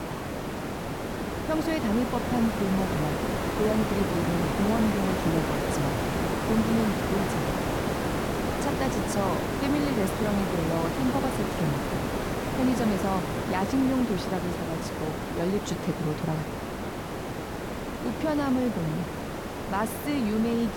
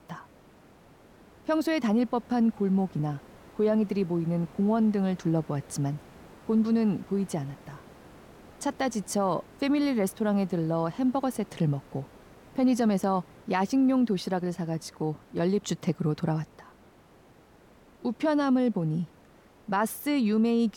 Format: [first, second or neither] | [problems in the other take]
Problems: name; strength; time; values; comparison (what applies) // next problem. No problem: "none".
second | hiss; loud; throughout; 1 dB below the speech; faint in the second